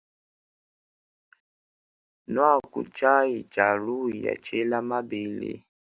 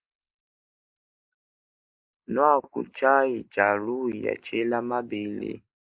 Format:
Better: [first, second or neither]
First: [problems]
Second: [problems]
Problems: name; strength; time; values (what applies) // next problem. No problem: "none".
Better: first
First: none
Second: noise reduction (neural mask model Resemble Enhance denoiser)